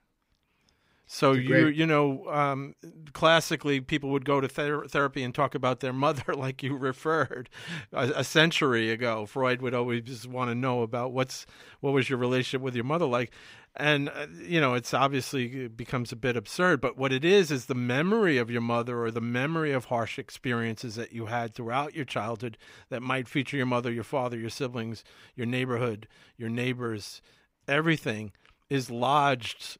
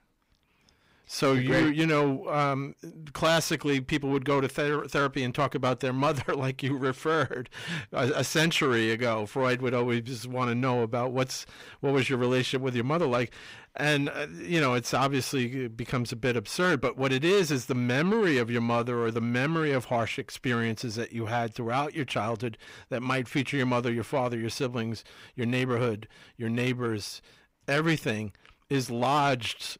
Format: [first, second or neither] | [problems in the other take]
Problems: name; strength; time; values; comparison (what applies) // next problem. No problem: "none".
first | distortion; slight; 10 dB below the speech